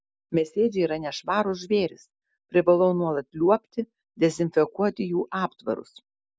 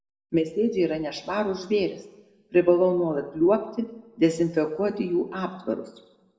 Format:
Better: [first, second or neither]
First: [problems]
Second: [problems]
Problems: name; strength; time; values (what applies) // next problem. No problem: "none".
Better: first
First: none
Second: room echo; dies away in 0.8 s